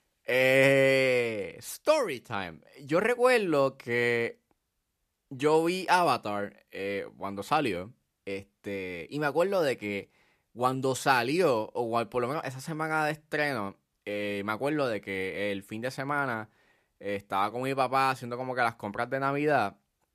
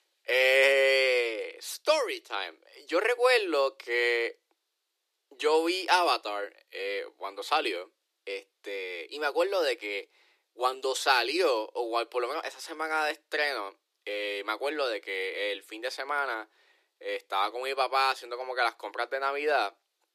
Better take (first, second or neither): first